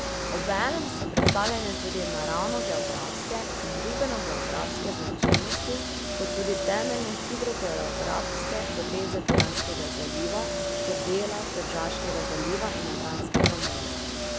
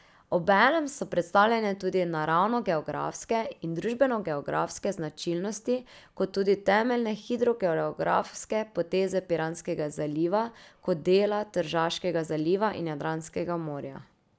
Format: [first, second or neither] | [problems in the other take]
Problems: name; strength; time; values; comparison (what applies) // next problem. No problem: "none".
second | background sound (Car); 4 dB above the speech